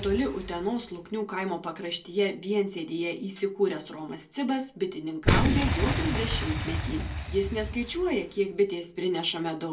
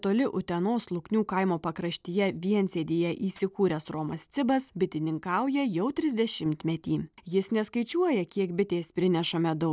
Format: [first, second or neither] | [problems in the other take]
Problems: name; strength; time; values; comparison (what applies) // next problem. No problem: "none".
second | background sound (Boom); 3 dB below the speech // room echo; dies away in 0.2 s